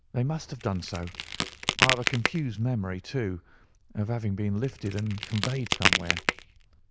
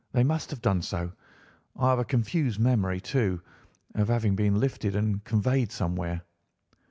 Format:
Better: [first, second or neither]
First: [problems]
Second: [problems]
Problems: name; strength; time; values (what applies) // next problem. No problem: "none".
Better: second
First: noise reduction (neural diffusion model UNIVERSE++)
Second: none